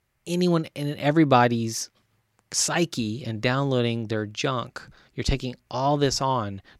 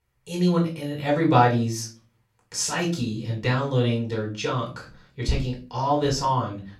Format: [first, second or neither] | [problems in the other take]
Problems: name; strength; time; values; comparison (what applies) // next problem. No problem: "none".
first | off-mic speech; far // room echo; slight; dies away in 0.3 s